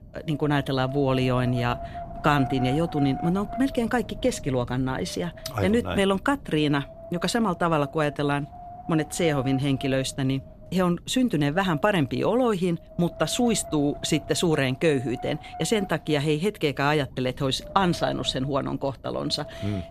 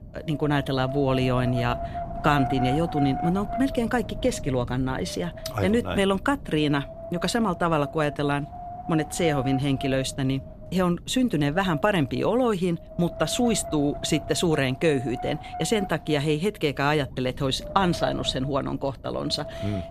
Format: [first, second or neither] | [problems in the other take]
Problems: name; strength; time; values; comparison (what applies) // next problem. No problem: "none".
first | wind noise on the microphone; heavy; 8 dB below the speech; occasional gusts in the first